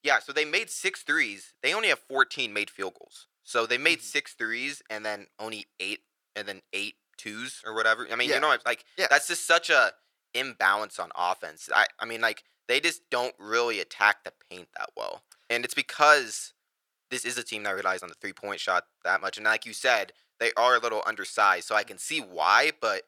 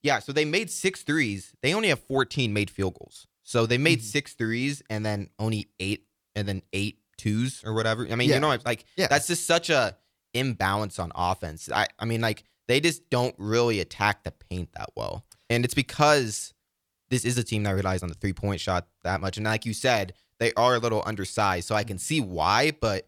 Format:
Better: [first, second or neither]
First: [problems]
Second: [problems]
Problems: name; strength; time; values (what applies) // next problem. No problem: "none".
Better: second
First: thin; very; fading below 550 Hz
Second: none